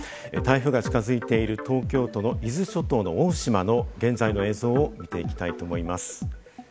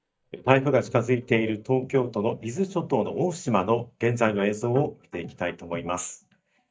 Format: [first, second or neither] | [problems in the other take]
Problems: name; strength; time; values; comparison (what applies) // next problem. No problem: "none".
first | noise reduction (neural mask model DeepFilterNet 3)